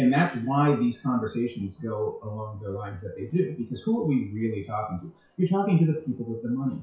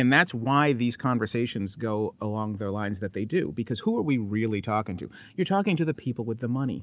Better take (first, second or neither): second